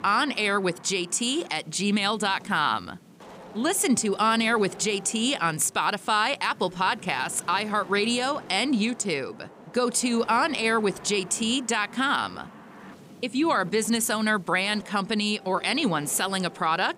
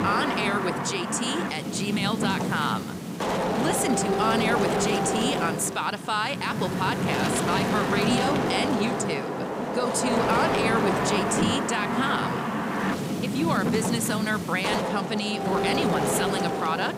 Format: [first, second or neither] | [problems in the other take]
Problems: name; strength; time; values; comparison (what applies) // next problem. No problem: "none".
first | wind noise on the microphone; heavy; as loud as the speech; occasional gusts in the first